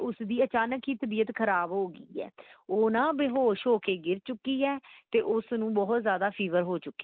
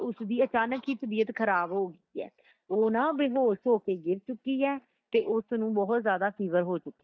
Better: first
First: none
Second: noise reduction (neural mask model DeepFilterNet 3)

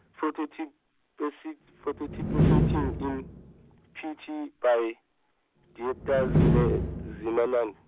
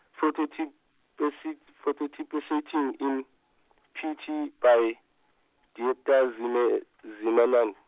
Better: second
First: background sound (Slam); 2 dB above the speech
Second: none

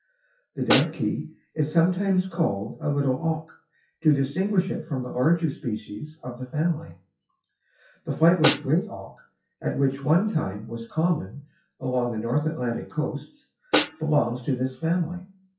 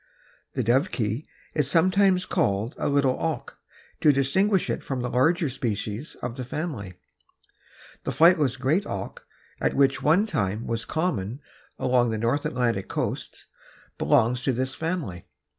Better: second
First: noise reduction (classical method WPE with log-MMSE)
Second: none

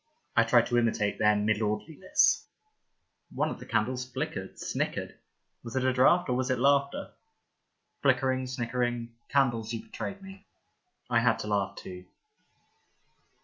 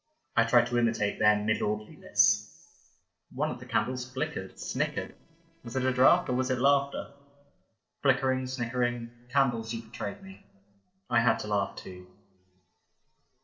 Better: first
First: none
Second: noise reduction (neural separator model SepFormer DNS4)

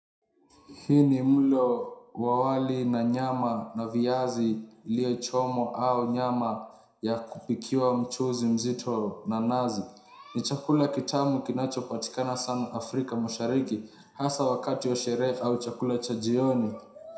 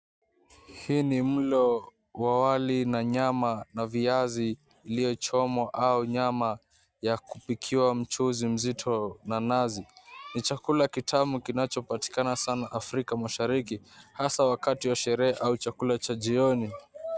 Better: second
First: room echo; dies away in 0.5 s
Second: none

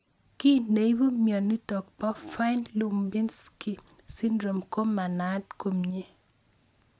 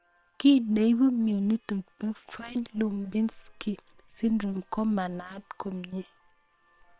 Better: first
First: none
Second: noise reduction (neural separator model SepFormer WHAM!)

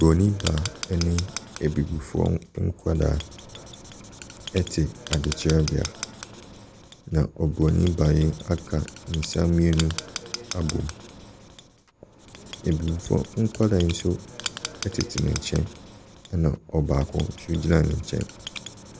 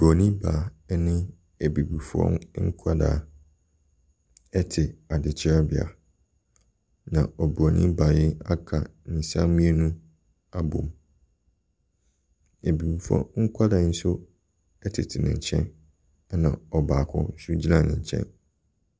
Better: second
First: background sound (Writing); 13 dB below the speech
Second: none

